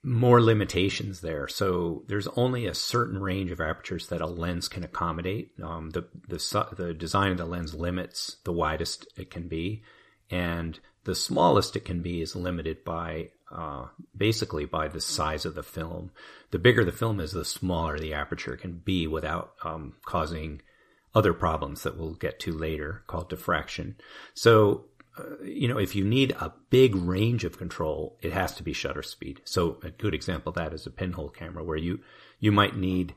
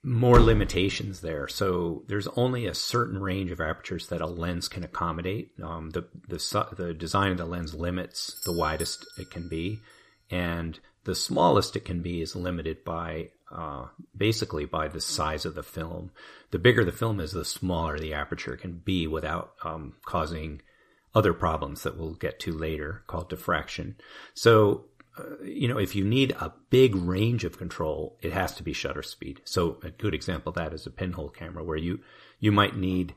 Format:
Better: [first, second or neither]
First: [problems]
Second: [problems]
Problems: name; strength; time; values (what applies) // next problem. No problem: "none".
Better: first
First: none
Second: door banging; loud; at 0.5 s; peak 3 dB above the speech // doorbell; noticeable; at 8.5 s; peak 7 dB below the speech